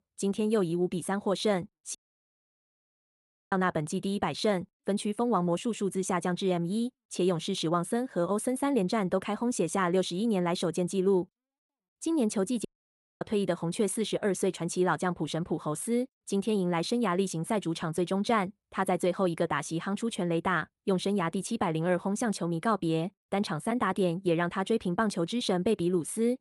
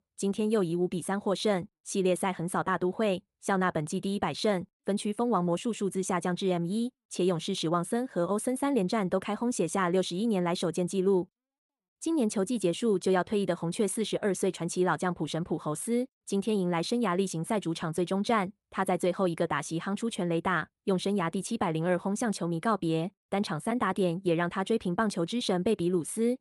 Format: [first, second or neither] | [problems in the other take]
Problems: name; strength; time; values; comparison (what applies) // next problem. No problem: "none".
second | audio cutting out; at 2 s for 1.5 s and at 13 s for 0.5 s